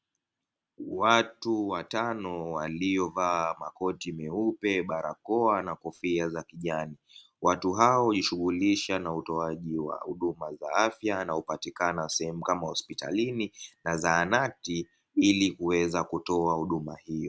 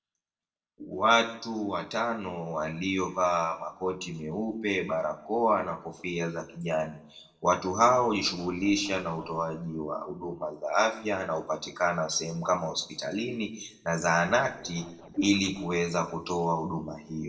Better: first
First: none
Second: noise reduction (neural separator model SepFormer DNS4)

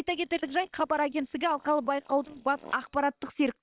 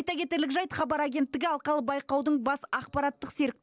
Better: second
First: noise reduction (neural separator model SepFormer WHAM!)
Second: none

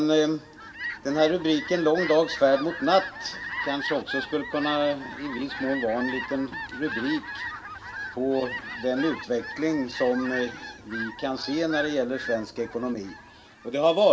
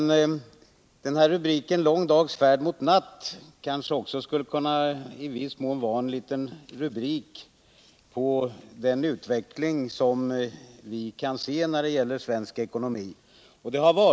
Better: second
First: background sound (Fowl); 10 dB below the speech // room echo; dies away in 0.3 s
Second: none

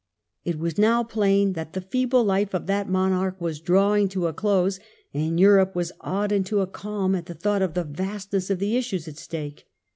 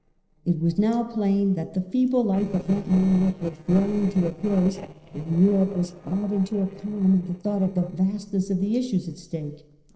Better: first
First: none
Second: noise reduction (neural separator model SepFormer DNS4)

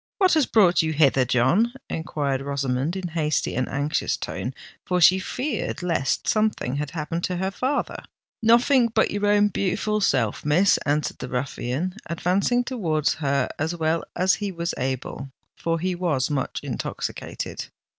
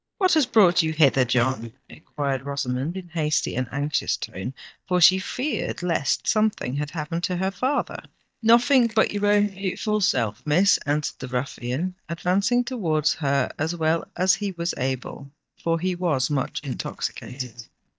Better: first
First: none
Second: noise reduction (neural mask model DeepFilterNet 3)

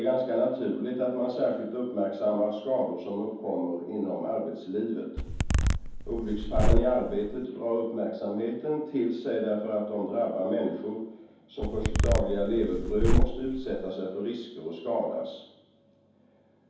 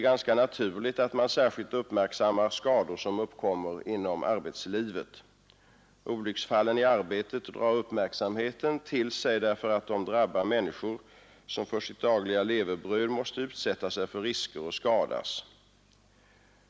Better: second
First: background sound (Zipper (clothing)); 4 dB above the speech // room echo; dies away in 0.9 s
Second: none

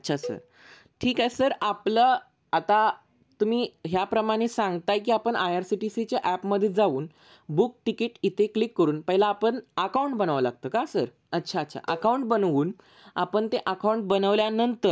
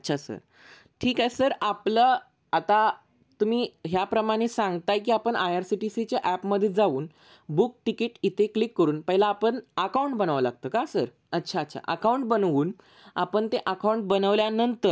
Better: second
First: background sound (Cowbell); 18 dB below the speech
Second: none

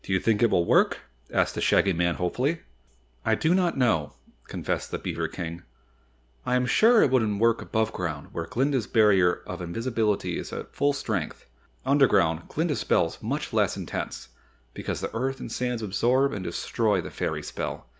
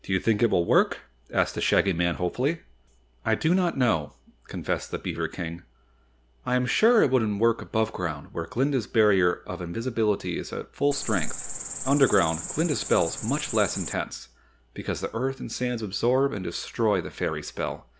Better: first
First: none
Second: background sound (Cricket); 6 dB below the speech

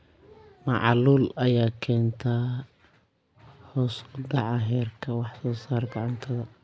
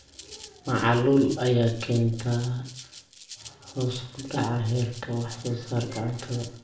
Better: first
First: none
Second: background sound (Rattle (instrument)); 19 dB below the speech // room echo; dies away in 0.5 s

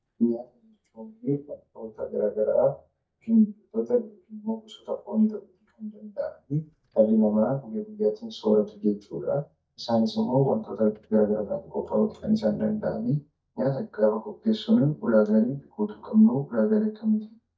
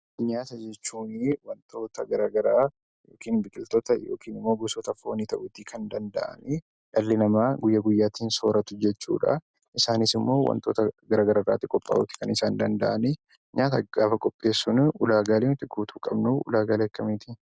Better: second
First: noise reduction (neural mask model DeepFilterNet 3)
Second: none

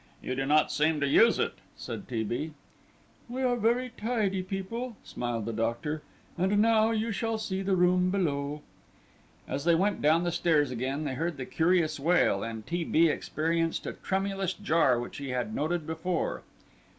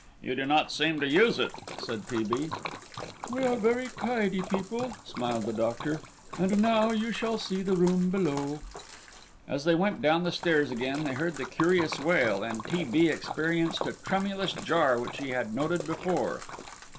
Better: first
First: none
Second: background sound (Splash, splatter); 12 dB below the speech

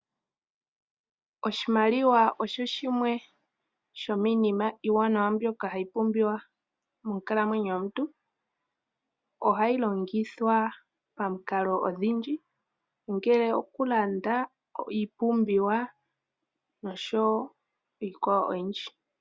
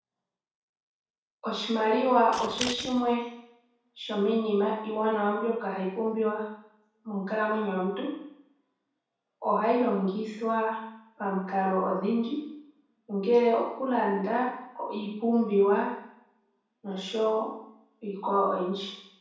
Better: first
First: none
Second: background sound (Scissors); 8 dB below the speech // room echo; dies away in 0.6 s

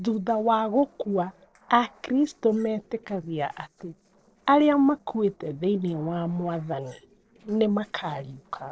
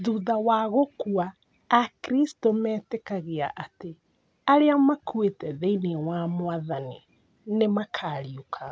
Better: second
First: noise reduction (neural separator model SepFormer DNS4)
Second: none

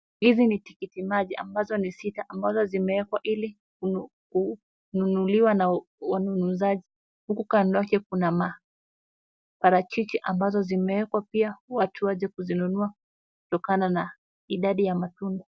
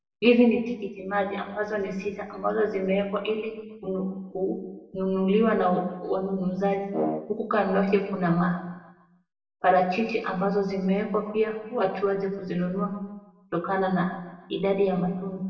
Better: first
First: none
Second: background sound (Brass instrument); 6 dB below the speech // room echo; dies away in 0.9 s

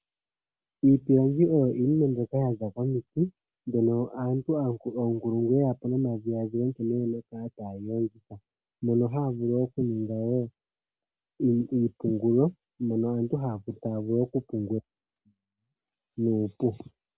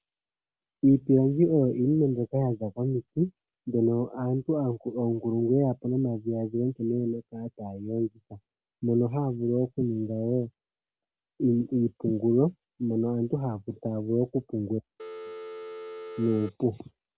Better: first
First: none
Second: background sound (Telephone); 12 dB below the speech

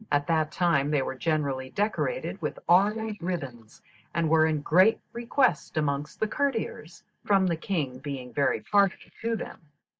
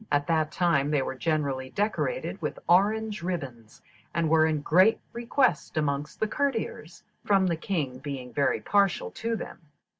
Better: second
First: noise reduction (neural mask model Resemble Enhance denoiser)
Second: none

